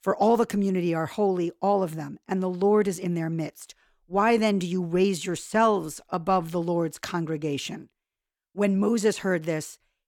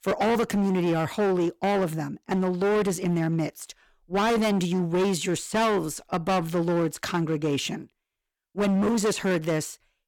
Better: first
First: none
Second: distortion; heavy; 19% of the sound clipped

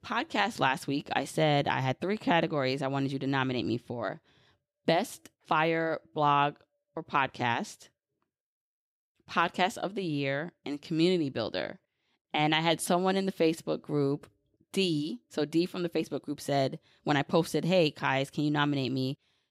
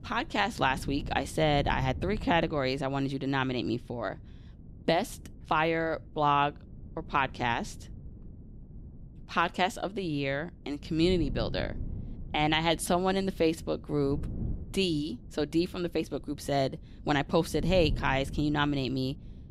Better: first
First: none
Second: wind noise on the microphone; occasional gusts; 25 dB below the speech

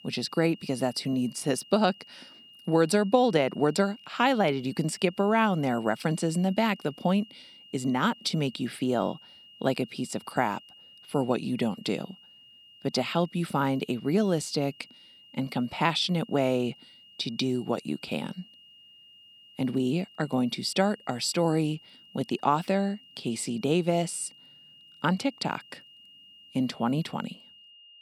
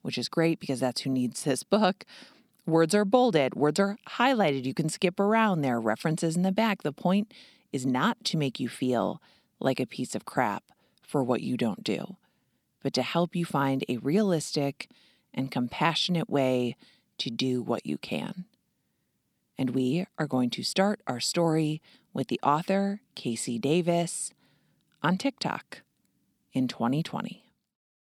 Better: second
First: high-pitched whine; faint; throughout; 3 kHz, 25 dB below the speech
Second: none

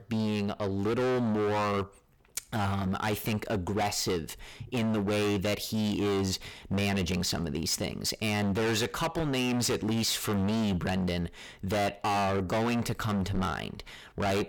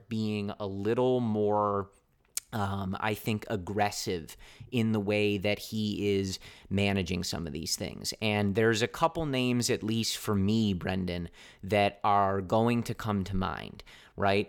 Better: second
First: distortion; heavy; 26% of the sound clipped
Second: none

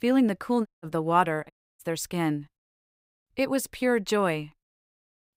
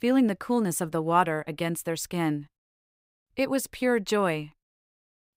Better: second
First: audio cutting out; at 0.5 s and at 1.5 s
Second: none

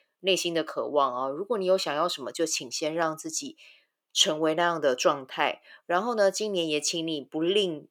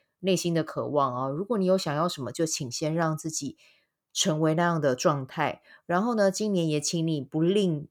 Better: second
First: thin; somewhat; fading below 400 Hz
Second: none

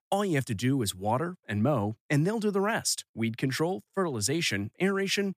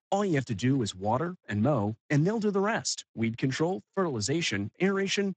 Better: first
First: none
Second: garbled, watery; badly; nothing above 7.5 kHz

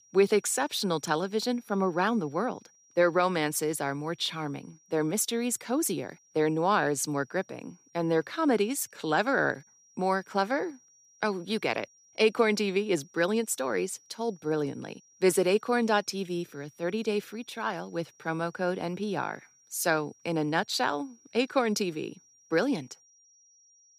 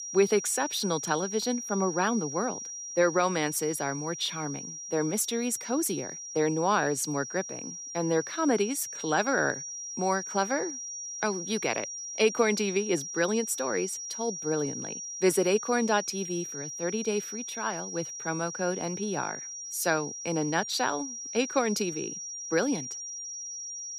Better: first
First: high-pitched whine; faint; throughout; 5.5 kHz, 30 dB below the speech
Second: high-pitched whine; loud; throughout; 5.5 kHz, 7 dB below the speech

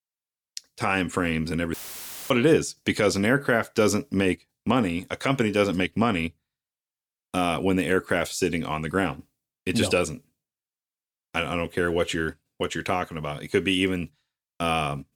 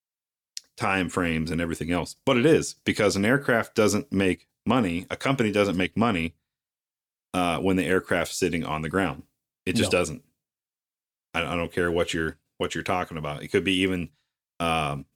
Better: second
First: audio cutting out; filled with static; at 1.5 s for 0.5 s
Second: none

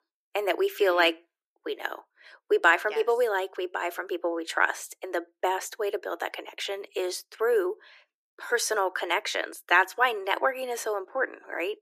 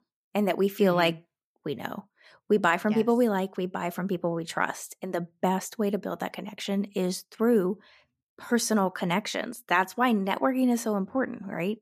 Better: second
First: thin; very; fading below 300 Hz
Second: none

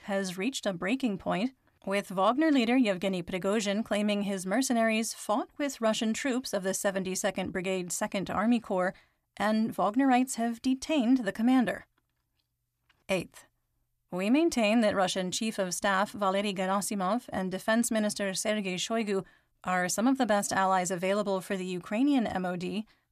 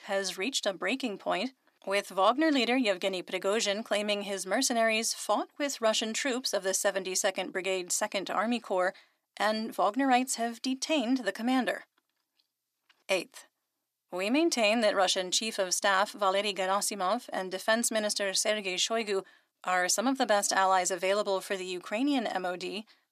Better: first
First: none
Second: thin; very slightly; fading below 300 Hz

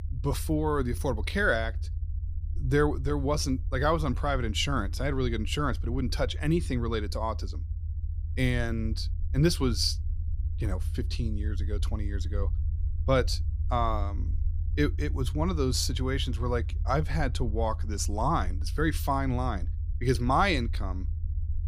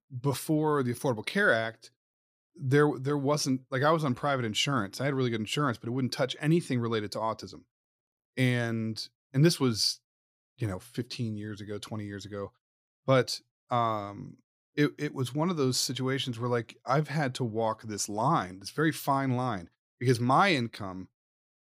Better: second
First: low rumble; faint; throughout; 20 dB below the speech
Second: none

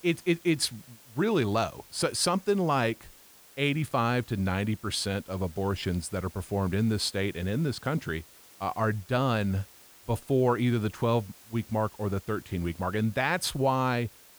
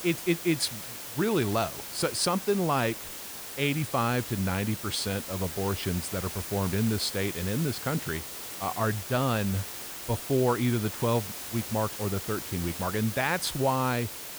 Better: first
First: hiss; faint; throughout; 20 dB below the speech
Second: hiss; loud; throughout; 7 dB below the speech

